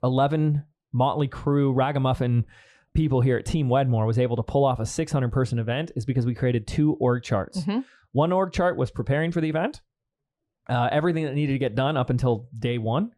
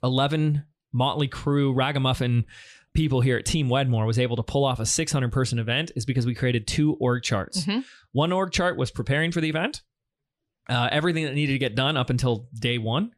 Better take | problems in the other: second | muffled; slightly; fading above 2 kHz

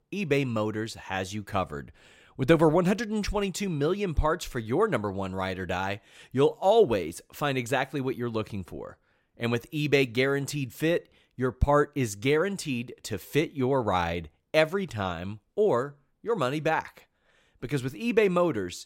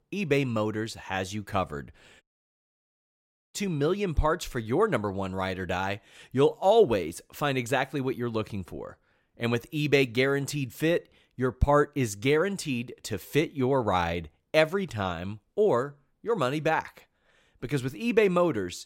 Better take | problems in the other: first | audio cutting out; at 2 s for 1.5 s

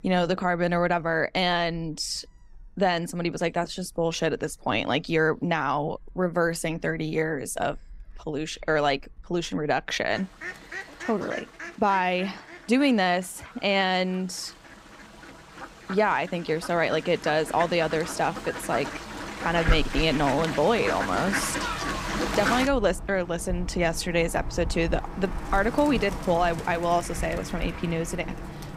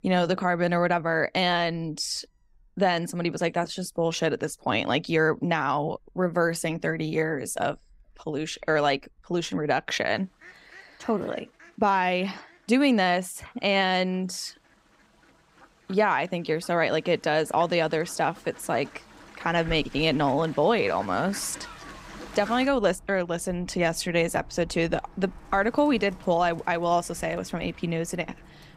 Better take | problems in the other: second | animal sounds; loud; throughout; 8 dB below the speech; faint in the second

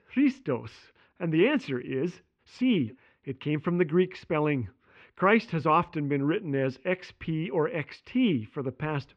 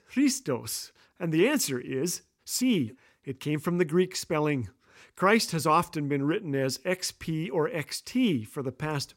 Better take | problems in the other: second | muffled; very; fading above 3 kHz

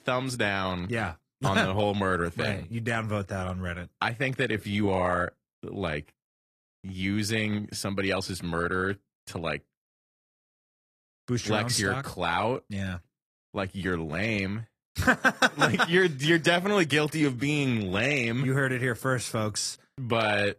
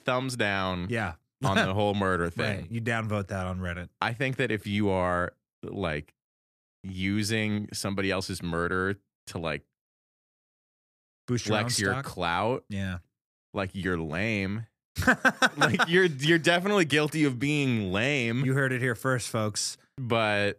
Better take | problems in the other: second | garbled, watery; slightly; nothing above 14.5 kHz

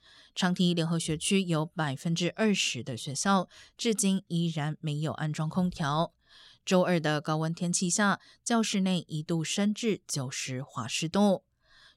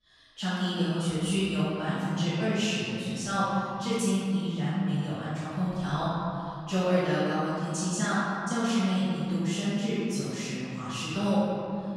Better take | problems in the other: first | room echo; strong; dies away in 2.6 s // off-mic speech; far

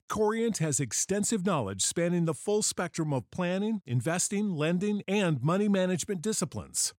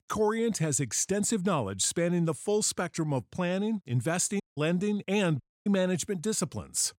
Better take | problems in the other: first | audio cutting out; at 4.5 s and at 5.5 s

